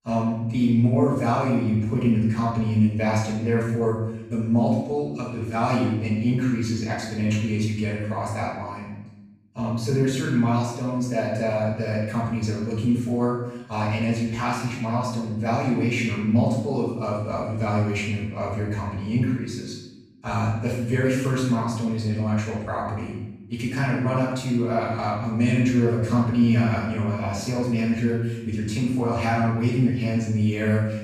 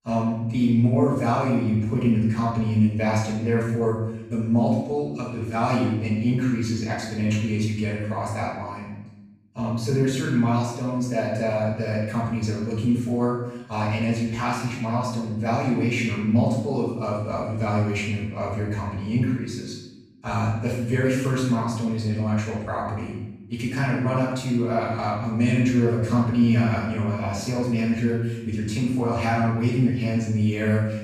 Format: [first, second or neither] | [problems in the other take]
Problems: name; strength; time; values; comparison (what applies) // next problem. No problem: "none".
neither | room echo; noticeable; dies away in 0.8 s; the same in both // off-mic speech; far; the same in both